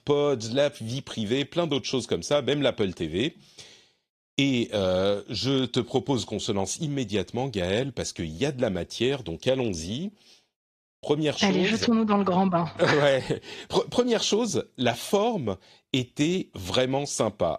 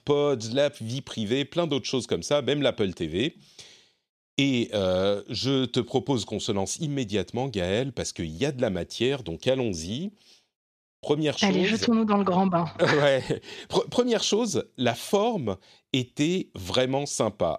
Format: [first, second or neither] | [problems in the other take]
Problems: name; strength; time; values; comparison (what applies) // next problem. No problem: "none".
second | garbled, watery; slightly; nothing above 14 kHz